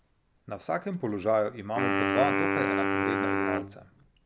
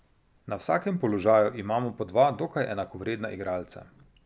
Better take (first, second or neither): second